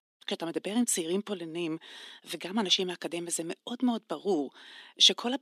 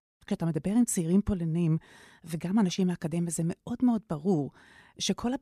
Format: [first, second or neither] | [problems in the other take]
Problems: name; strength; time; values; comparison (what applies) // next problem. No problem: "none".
second | thin; somewhat; fading below 250 Hz